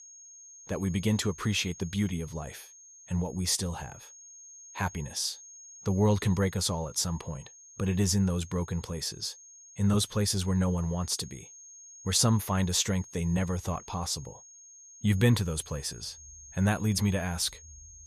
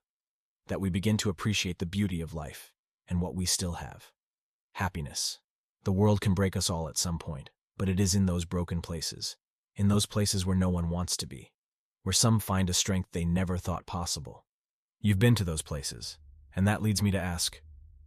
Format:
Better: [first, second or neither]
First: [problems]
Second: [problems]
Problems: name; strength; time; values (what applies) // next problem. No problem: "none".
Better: second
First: high-pitched whine; noticeable; throughout; 6.5 kHz, 20 dB below the speech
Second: none